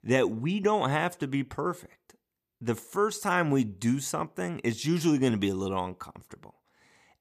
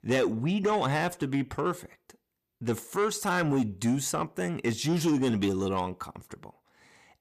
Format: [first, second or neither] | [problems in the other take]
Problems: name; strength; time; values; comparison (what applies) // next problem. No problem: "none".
first | distortion; slight; 10 dB below the speech